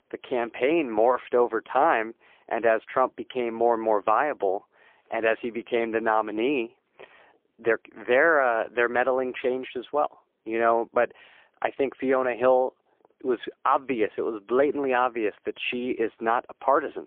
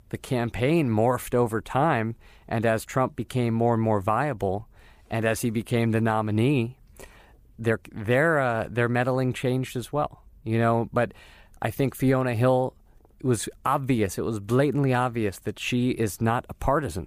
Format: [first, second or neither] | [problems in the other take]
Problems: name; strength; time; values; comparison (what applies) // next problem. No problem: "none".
second | phone-call audio; poor line